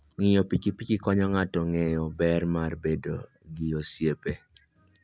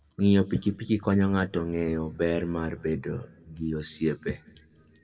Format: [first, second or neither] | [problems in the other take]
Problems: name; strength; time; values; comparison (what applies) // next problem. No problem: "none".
first | room echo; dies away in 1.6 s